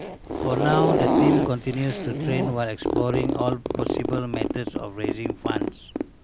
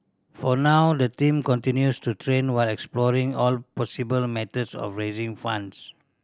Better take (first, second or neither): second